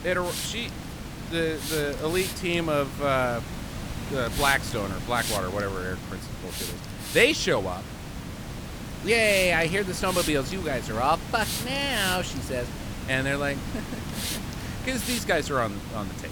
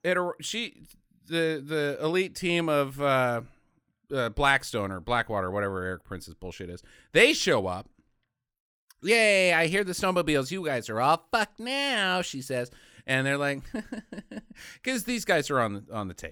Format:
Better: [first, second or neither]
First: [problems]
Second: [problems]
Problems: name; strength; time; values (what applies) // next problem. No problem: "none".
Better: second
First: hiss; loud; throughout; 7 dB below the speech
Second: none